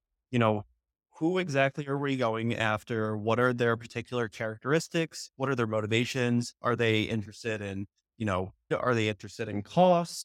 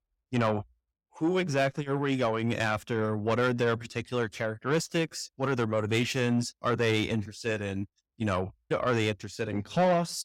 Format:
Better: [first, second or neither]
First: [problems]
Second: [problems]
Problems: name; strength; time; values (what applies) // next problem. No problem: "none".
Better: first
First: none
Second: distortion; slight; 10 dB below the speech